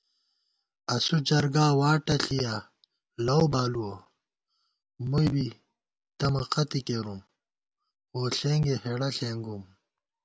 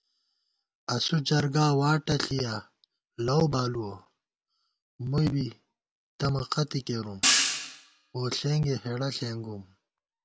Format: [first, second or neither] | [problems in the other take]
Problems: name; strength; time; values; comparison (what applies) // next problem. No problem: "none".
first | background sound (Hi-hat); as loud as the speech